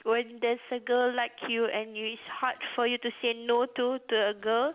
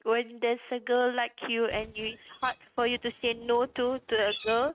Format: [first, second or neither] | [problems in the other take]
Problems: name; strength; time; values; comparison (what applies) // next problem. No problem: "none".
first | noise reduction (neural mask model RNNoise)